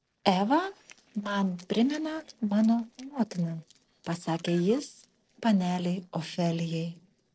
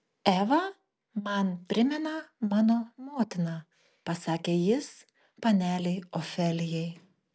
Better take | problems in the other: second | noise reduction (neural separator model SepFormer DNS4)

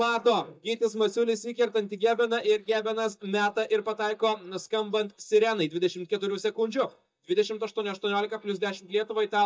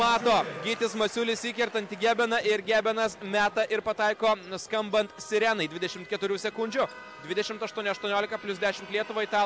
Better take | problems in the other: second | noise reduction (neural mask model DeepFilterNet 3)

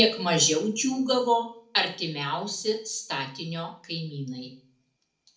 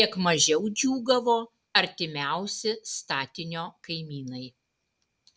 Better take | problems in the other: second | room echo; dies away in 0.4 s

